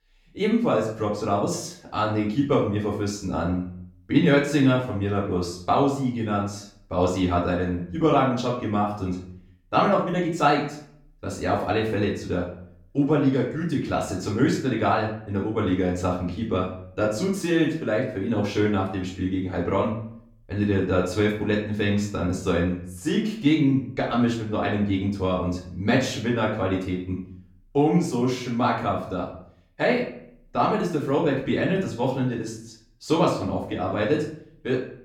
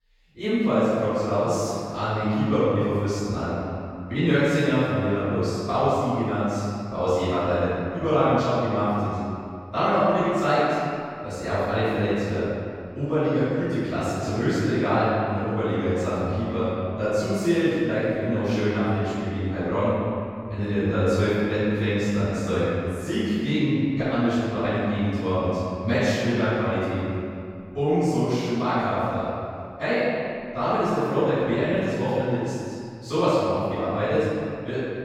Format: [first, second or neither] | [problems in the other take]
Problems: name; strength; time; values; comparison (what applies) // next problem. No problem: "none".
first | room echo; strong; dies away in 2.2 s; slight in the first // off-mic speech; far; far in the first